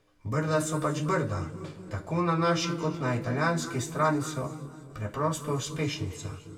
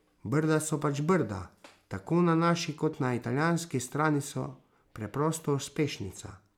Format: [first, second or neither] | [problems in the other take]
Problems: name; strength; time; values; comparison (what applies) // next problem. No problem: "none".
second | room echo; dies away in 2 s